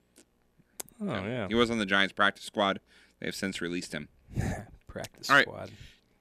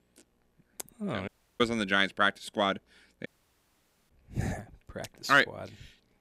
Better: first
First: none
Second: audio cutting out; at 1.5 s and at 3.5 s for 1 s

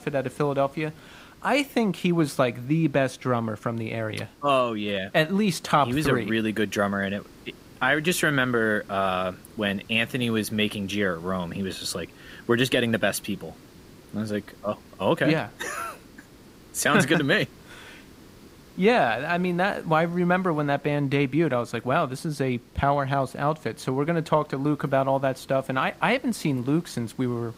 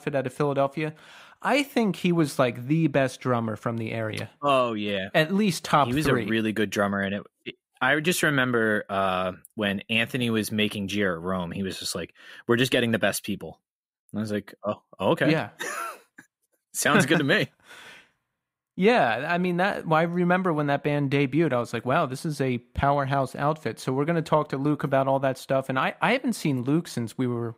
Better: second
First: hiss; faint; throughout; 25 dB below the speech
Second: none

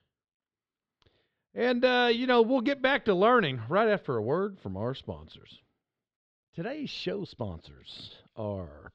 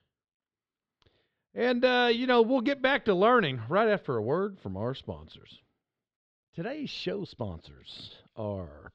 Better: neither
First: muffled; slightly; fading above 3.5 kHz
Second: muffled; slightly; fading above 3.5 kHz

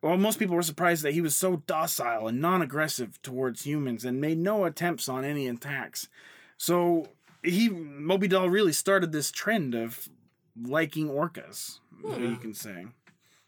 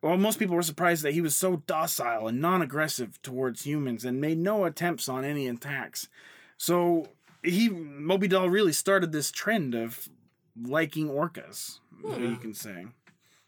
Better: neither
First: none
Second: none

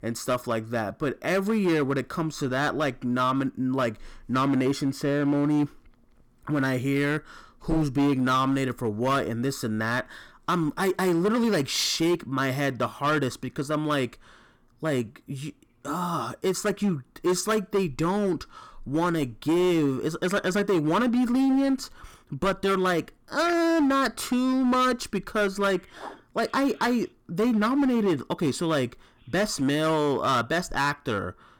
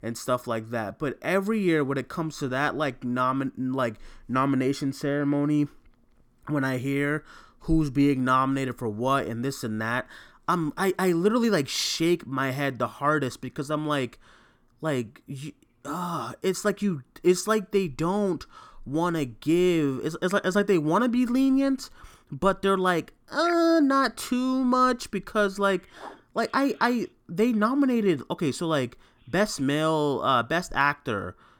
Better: second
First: distortion; slight; 11% of the sound clipped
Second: none

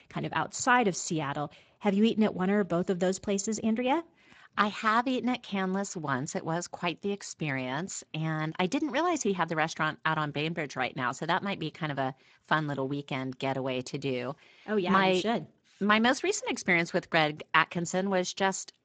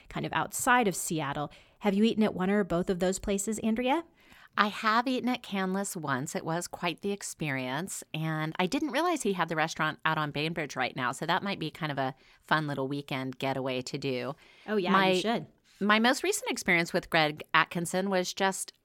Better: second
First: garbled, watery; slightly; nothing above 7.5 kHz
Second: none

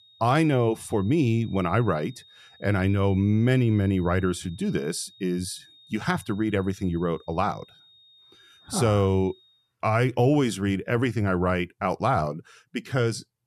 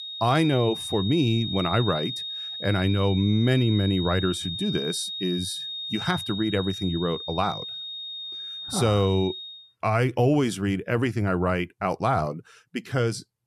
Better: first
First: high-pitched whine; faint; until 9.5 s; 3.5 kHz, 25 dB below the speech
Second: high-pitched whine; loud; until 9.5 s; 3.5 kHz, 7 dB below the speech

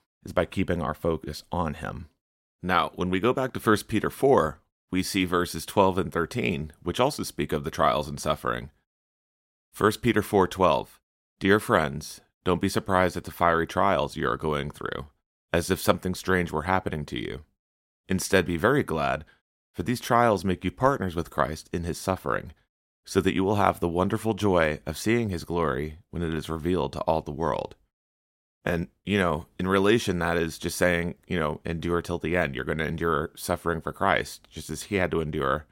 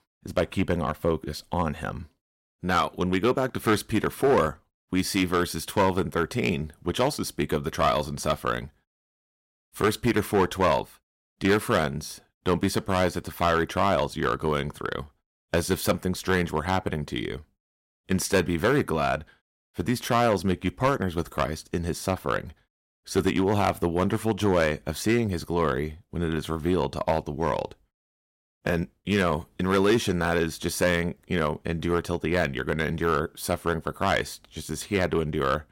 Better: first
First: none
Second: distortion; slight; 2% of the sound clipped

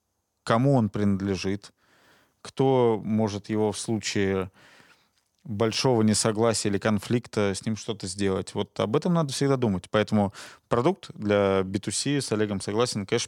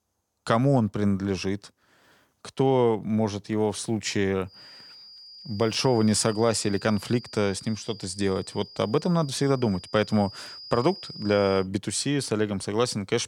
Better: first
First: none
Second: high-pitched whine; noticeable; from 4.5 to 12 s; 5 kHz, 15 dB below the speech

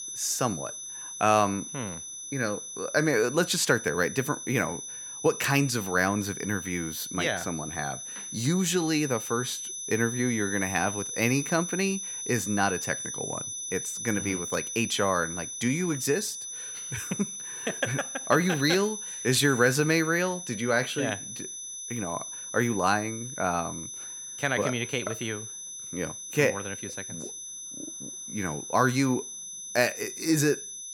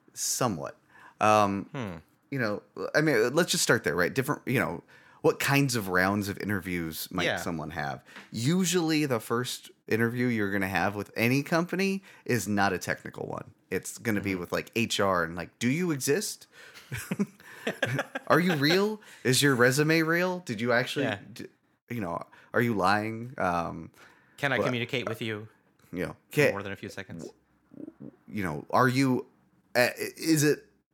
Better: second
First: high-pitched whine; loud; throughout; 6 kHz, 7 dB below the speech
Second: none

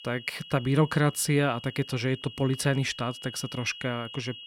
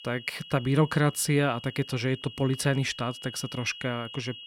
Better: neither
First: high-pitched whine; noticeable; throughout; 3 kHz, 15 dB below the speech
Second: high-pitched whine; noticeable; throughout; 3 kHz, 15 dB below the speech

